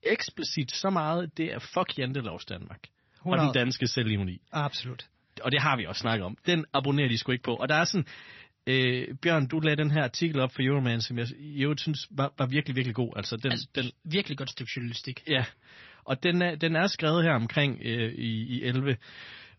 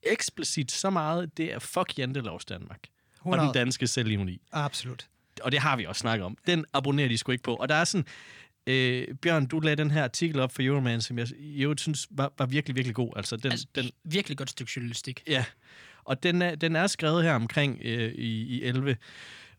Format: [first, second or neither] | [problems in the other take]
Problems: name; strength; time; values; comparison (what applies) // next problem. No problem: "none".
second | garbled, watery; slightly; nothing above 6 kHz